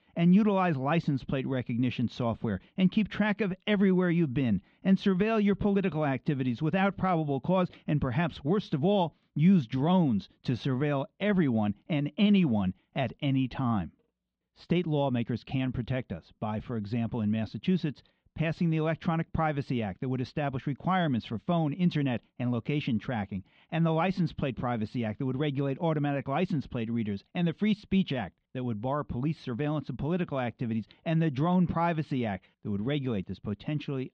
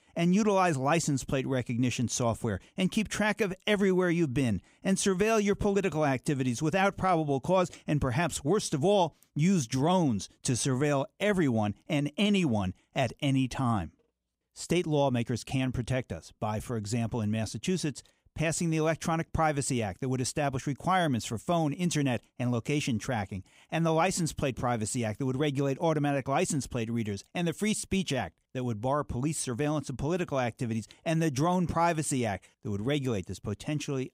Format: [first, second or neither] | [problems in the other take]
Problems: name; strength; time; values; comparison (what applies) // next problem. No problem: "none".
second | muffled; very; fading above 4 kHz